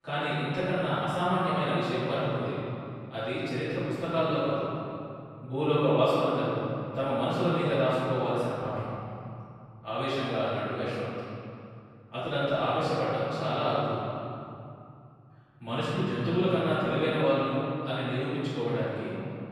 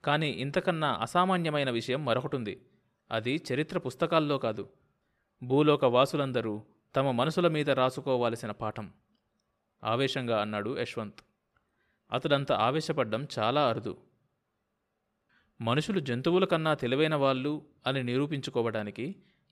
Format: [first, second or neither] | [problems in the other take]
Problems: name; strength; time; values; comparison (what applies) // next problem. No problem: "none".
second | room echo; strong; dies away in 2.8 s // off-mic speech; far